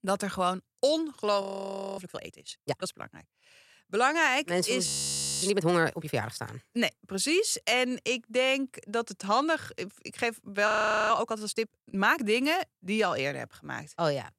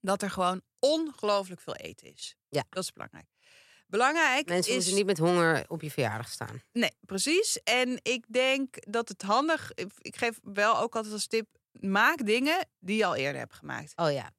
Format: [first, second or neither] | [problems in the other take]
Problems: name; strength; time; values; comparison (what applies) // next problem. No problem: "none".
second | audio freezing; at 1.5 s for 0.5 s, at 5 s for 0.5 s and at 11 s